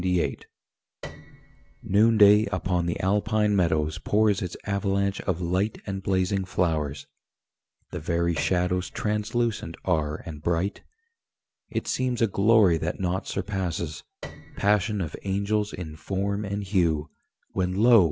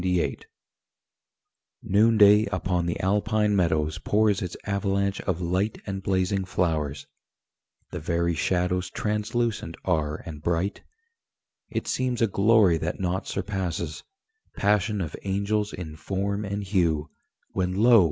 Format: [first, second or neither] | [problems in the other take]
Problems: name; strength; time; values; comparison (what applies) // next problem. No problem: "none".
second | background sound (Piano); 19 dB below the speech